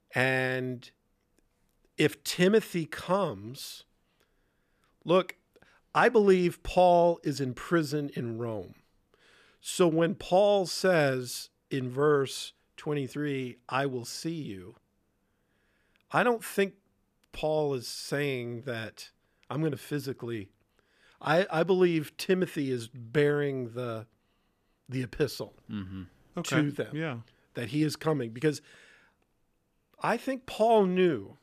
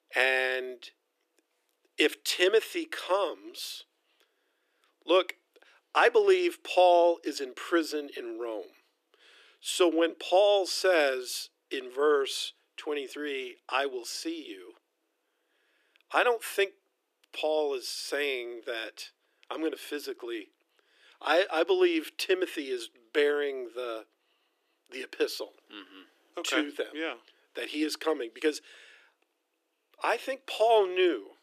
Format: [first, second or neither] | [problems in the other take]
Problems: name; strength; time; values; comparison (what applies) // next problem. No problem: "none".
first | thin; very; fading below 300 Hz